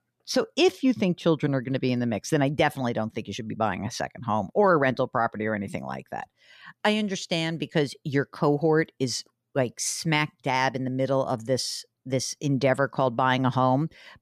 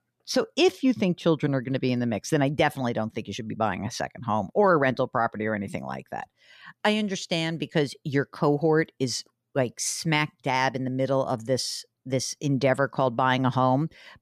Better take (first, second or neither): neither